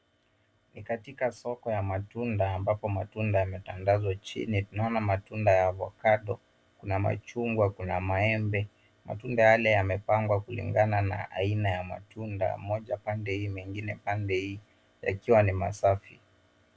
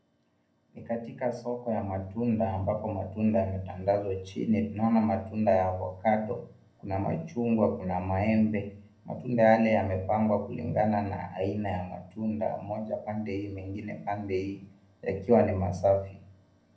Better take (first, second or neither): first